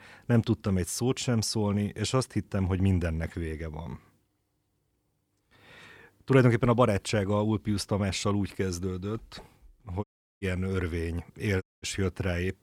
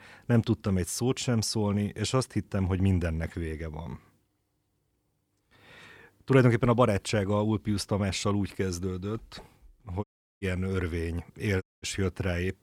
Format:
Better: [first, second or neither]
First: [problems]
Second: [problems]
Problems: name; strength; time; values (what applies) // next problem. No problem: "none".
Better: neither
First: audio cutting out; at 10 s and at 12 s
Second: audio cutting out; at 10 s and at 12 s